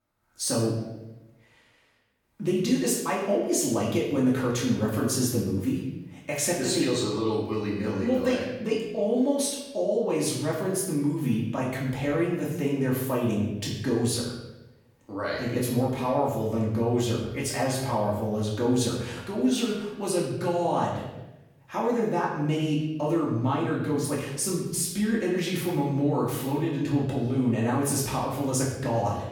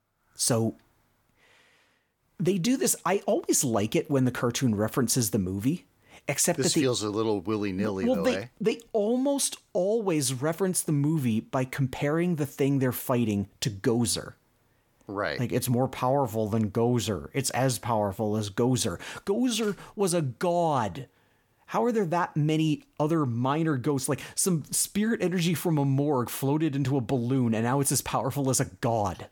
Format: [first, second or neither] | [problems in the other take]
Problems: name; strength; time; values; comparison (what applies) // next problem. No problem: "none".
second | off-mic speech; far // room echo; noticeable; dies away in 0.8 s